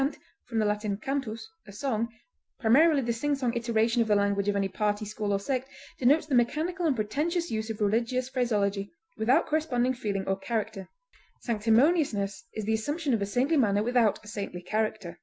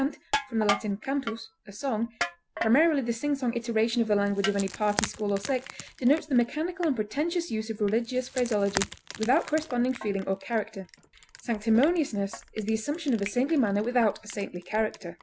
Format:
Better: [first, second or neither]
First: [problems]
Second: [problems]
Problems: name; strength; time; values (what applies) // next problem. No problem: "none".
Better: first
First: none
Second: background sound (Wood + Crushing); 12 dB below the speech